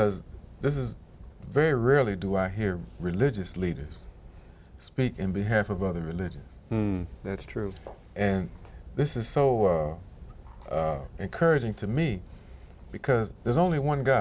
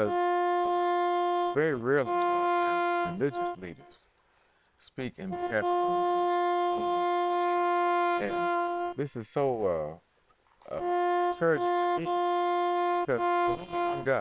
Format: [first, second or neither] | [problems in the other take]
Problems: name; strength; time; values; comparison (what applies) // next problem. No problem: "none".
first | noise reduction (neural separator model SepFormer WHAM!)